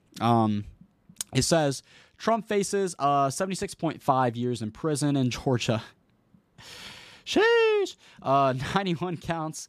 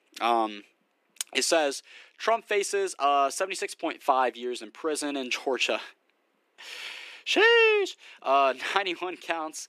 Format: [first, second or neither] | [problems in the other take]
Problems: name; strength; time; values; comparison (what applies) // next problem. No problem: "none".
first | thin; somewhat; fading below 300 Hz